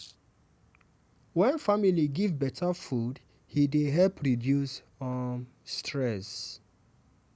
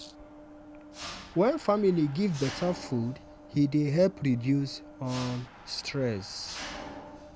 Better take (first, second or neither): first